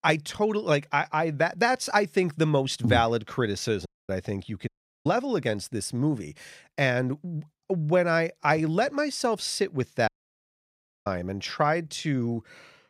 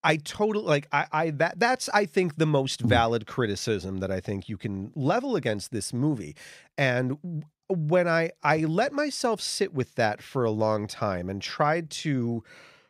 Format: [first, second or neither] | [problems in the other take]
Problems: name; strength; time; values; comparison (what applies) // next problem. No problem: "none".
second | audio cutting out; at 4 s, at 4.5 s and at 10 s for 1 s